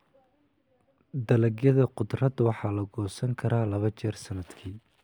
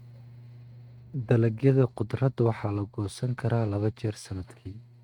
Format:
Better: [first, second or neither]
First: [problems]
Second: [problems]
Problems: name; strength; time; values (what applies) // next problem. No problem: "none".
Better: first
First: none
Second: noise reduction (neural mask model RNNoise)